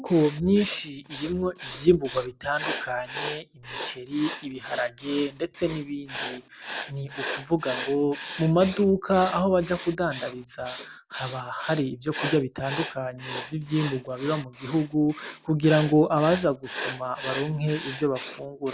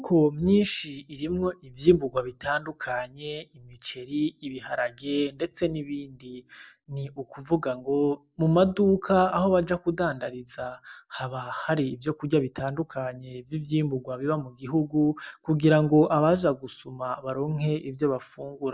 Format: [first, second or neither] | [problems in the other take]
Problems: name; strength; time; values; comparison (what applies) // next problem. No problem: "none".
second | background sound (Writing); 12 dB below the speech